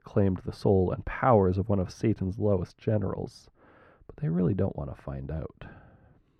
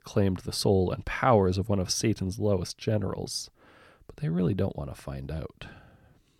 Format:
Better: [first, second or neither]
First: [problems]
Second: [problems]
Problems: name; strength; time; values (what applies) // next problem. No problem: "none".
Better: second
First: muffled; very; fading above 3 kHz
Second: none